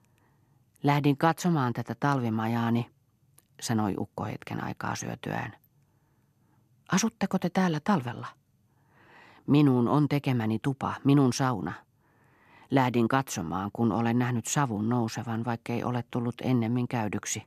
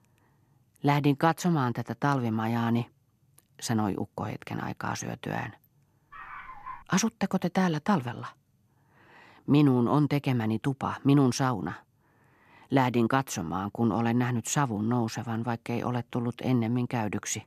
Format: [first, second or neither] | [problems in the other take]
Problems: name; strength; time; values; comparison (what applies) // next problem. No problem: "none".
first | dog barking; faint; at 6 s; peak 15 dB below the speech